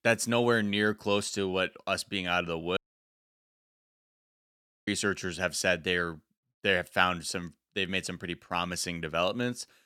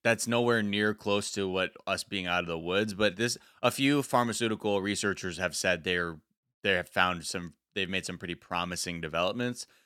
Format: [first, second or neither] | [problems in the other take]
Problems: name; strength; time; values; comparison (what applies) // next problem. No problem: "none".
second | audio cutting out; at 3 s for 2 s